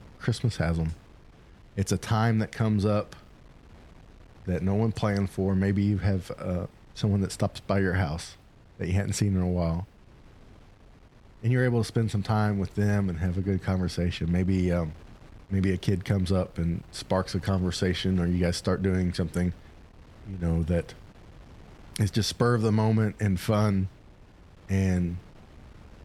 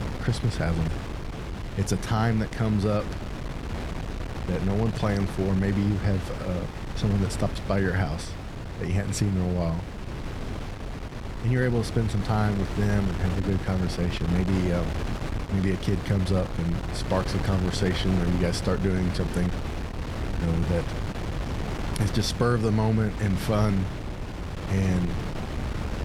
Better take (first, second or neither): first